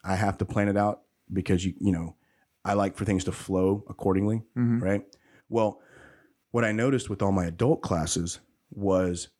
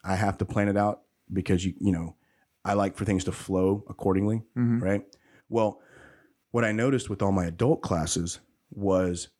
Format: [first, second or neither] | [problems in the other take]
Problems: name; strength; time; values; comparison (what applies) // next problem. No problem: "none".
neither | none